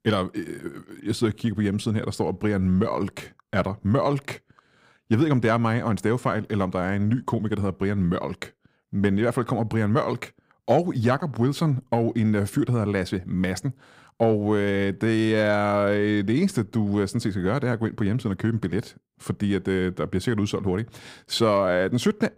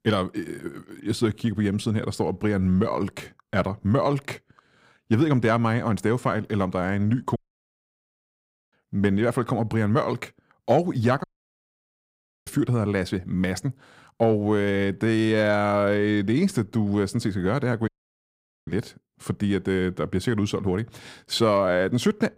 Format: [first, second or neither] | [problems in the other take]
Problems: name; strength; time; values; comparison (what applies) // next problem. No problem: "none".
first | audio cutting out; at 7.5 s for 1.5 s, at 11 s for 1 s and at 18 s for 1 s